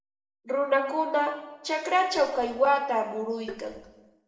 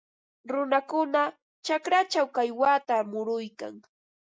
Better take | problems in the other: second | background sound (Tap); 17 dB below the speech // room echo; dies away in 0.9 s

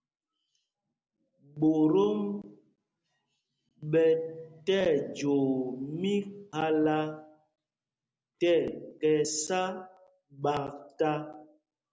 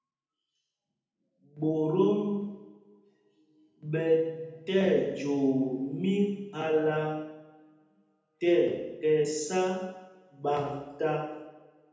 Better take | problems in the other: first | room echo; dies away in 0.9 s

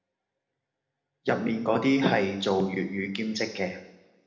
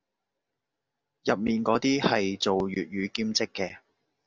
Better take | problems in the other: second | room echo; dies away in 0.9 s

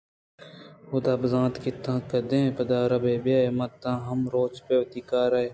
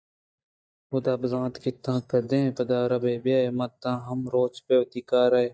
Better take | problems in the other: first | noise reduction (neural mask model DeepFilterNet 3)

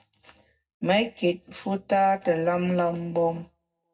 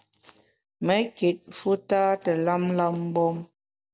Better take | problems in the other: second | room echo; dies away in 0.3 s

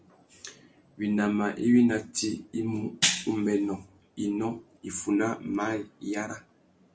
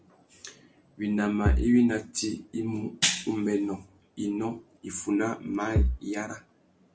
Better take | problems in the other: first | background sound (Bass drum); 4 dB above the speech

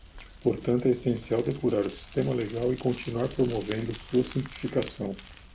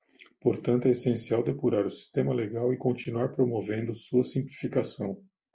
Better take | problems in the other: second | background sound (Bicycle); 17 dB below the speech

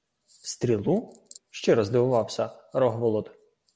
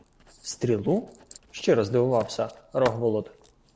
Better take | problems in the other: first | background sound (Writing); 19 dB below the speech

